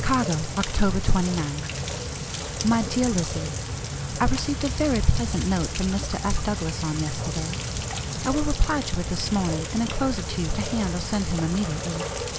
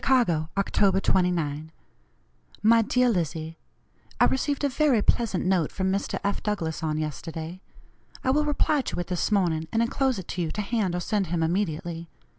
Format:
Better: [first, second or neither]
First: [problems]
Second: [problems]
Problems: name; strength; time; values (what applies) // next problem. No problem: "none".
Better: second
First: background sound (Rain); 4 dB below the speech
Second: none